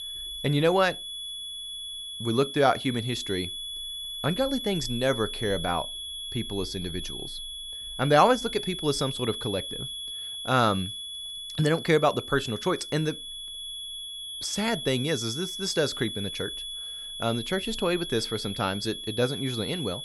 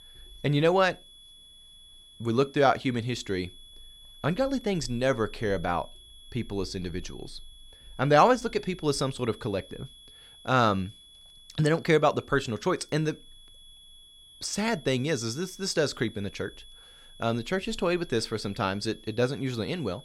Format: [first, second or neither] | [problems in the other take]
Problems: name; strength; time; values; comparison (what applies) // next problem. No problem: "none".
second | high-pitched whine; loud; throughout; 3.5 kHz, 7 dB below the speech; faint in the second